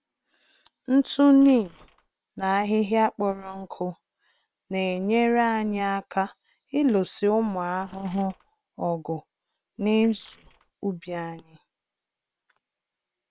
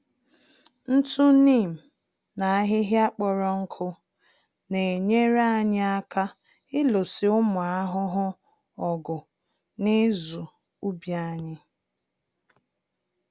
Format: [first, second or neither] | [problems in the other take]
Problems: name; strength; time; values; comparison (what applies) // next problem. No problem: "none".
second | noise reduction (neural separator model SepFormer WHAM!)